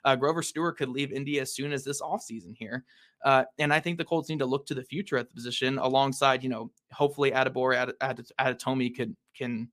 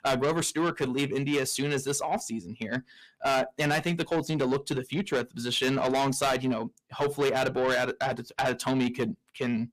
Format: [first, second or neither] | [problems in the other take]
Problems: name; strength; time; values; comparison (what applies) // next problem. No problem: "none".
first | distortion; heavy; 6 dB below the speech